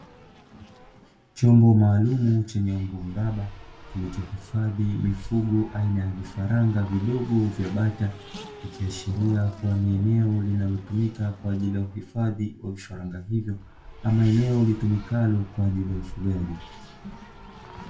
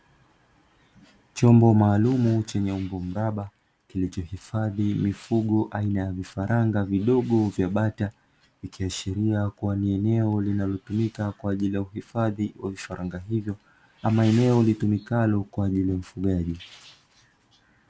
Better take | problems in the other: second | background sound (Race car, auto racing); 18 dB below the speech // room echo; dies away in 0.3 s

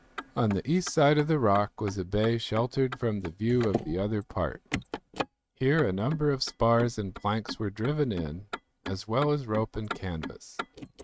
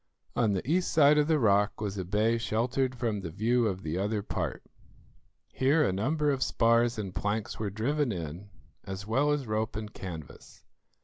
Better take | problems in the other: second | noise reduction (neural mask model RNNoise)

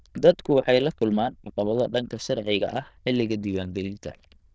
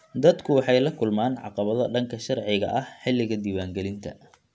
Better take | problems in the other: second | noise reduction (neural diffusion model UNIVERSE++)

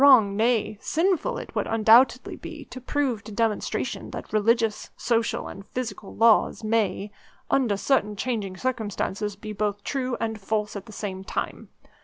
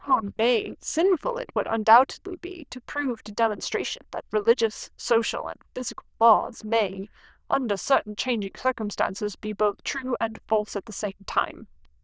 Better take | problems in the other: first | noise reduction (neural diffusion model UNIVERSE++)

